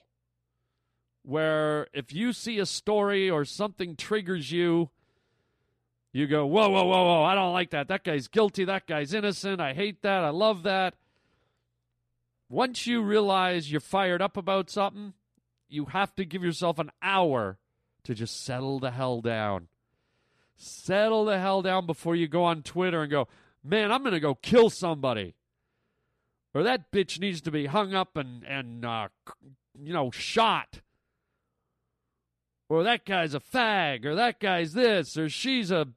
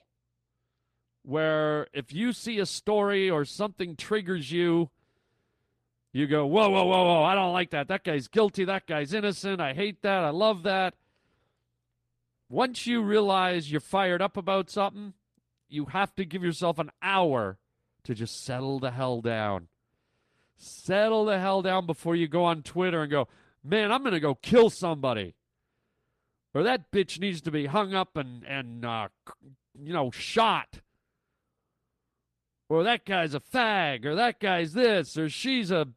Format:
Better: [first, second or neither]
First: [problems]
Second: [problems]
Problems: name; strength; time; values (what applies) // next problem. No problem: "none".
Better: first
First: none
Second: garbled, watery; slightly; nothing above 14 kHz